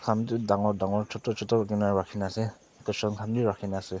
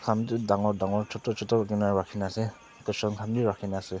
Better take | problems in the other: second | noise reduction (neural mask model Resemble Enhance denoiser)

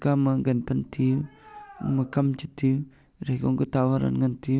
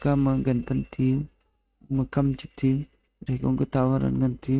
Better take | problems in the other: first | noise reduction (neural mask model RNNoise)

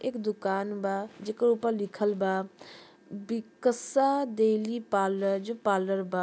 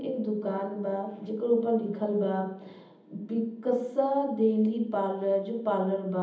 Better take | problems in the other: first | room echo; dies away in 0.8 s

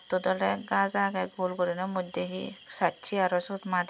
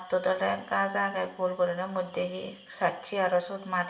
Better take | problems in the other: first | room echo; dies away in 1.7 s

